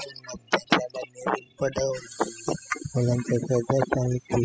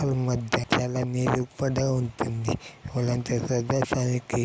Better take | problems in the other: second | noise reduction (classical method spectral subtraction)

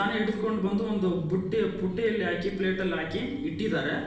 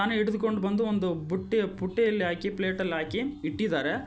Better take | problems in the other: second | room echo; dies away in 0.9 s

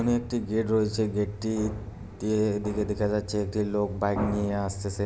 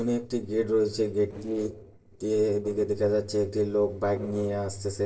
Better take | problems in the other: first | noise reduction (neural separator model SepFormer DNS4)

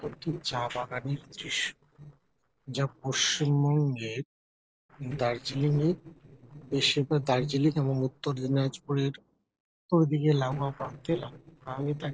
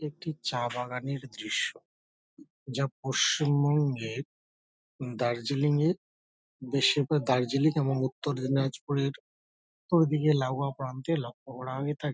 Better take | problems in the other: second | noise reduction (neural separator model SepFormer DNS4)

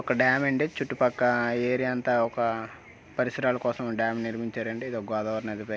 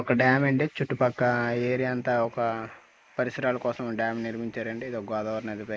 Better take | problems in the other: first | noise reduction (neural mask model Resemble Enhance denoiser)

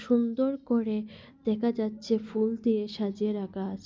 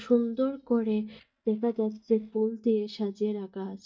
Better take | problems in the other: first | noise reduction (neural mask model DeepFilterNet 3)

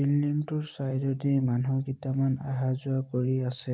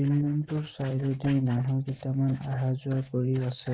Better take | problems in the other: first | noise reduction (neural mask model Resemble Enhance denoiser)

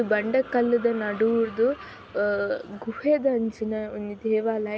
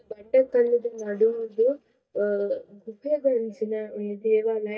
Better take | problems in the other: first | noise reduction (neural mask model DeepFilterNet 3)

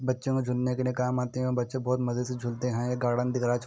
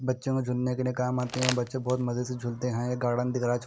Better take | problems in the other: first | background sound (Crumpling, crinkling); 11 dB below the speech

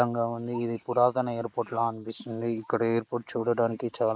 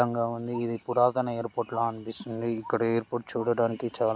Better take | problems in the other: second | noise reduction (neural mask model Resemble Enhance denoiser)

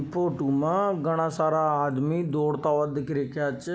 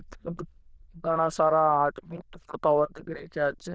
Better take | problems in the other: first | noise reduction (neural diffusion model UNIVERSE++)

